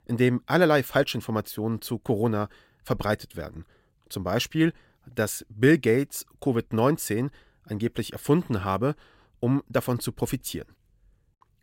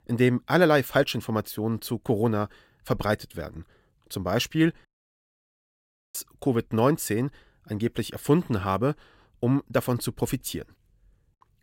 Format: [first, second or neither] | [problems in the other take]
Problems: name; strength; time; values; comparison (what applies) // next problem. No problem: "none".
first | audio cutting out; at 5 s for 1.5 s